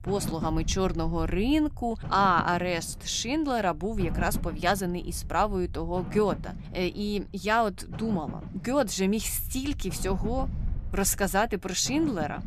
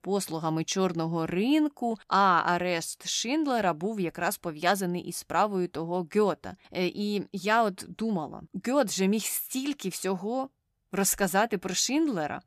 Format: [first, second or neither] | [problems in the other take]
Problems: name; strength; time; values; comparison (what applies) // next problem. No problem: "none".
second | low rumble; noticeable; throughout; 20 dB below the speech